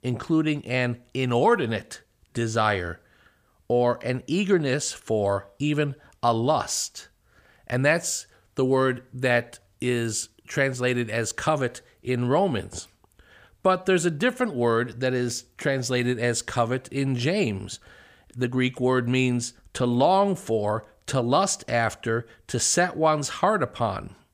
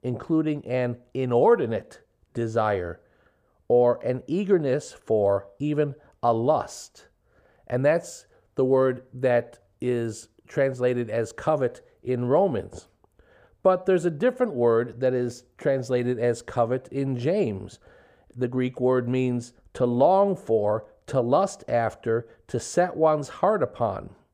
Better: first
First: none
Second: muffled; slightly; fading above 1.5 kHz

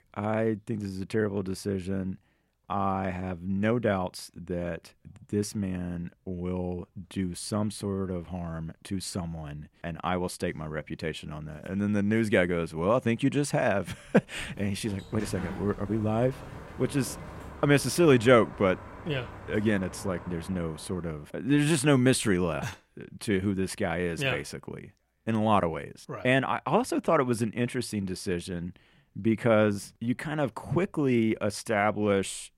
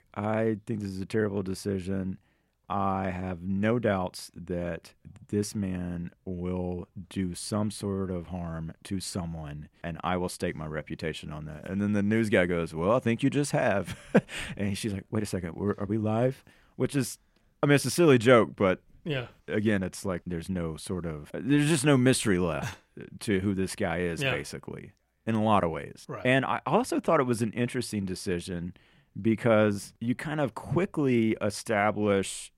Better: second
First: door banging; noticeable; from 14 to 21 s; peak 9 dB below the speech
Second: none

